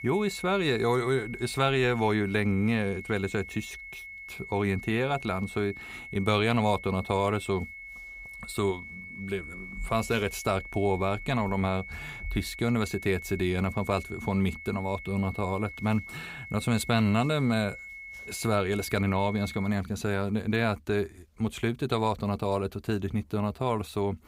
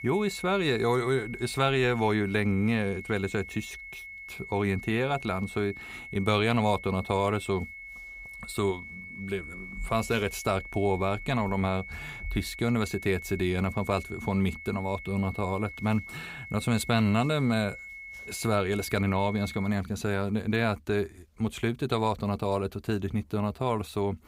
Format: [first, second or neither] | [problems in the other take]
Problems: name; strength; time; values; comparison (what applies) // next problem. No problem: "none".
neither | high-pitched whine; noticeable; until 20 s; 2 kHz, 10 dB below the speech; the same in both